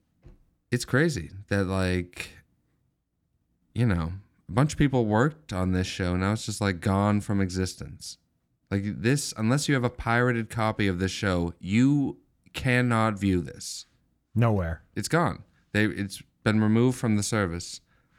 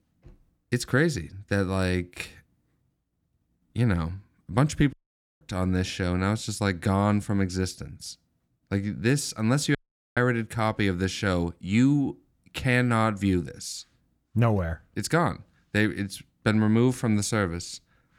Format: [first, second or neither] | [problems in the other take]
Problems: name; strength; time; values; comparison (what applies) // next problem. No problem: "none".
first | audio cutting out; at 5 s and at 10 s